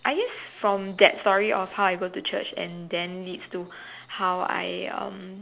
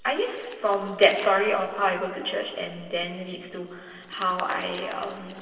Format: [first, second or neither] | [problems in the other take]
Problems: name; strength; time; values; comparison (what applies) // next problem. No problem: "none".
first | noise reduction (neural separator model SepFormer DNS4)